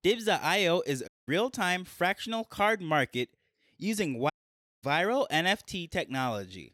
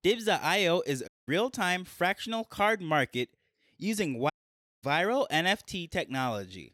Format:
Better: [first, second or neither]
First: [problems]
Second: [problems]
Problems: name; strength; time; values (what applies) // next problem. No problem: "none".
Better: neither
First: audio cutting out; at 1 s and at 4.5 s for 0.5 s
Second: audio cutting out; at 1 s and at 4.5 s for 0.5 s